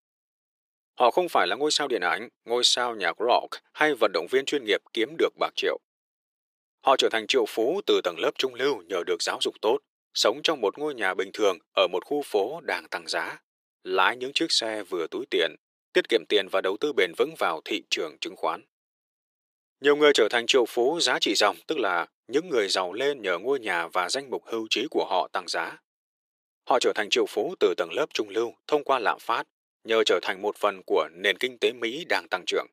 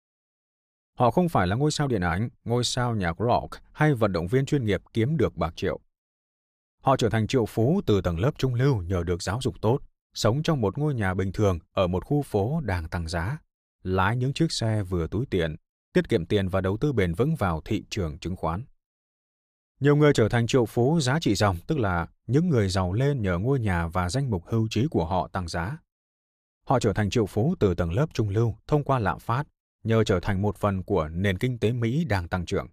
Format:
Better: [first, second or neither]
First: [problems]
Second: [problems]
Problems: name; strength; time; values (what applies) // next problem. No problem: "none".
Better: second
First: thin; very; fading below 350 Hz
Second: none